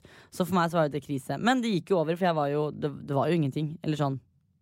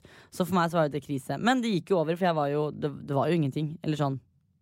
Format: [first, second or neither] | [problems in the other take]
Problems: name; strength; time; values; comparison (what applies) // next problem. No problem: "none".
neither | none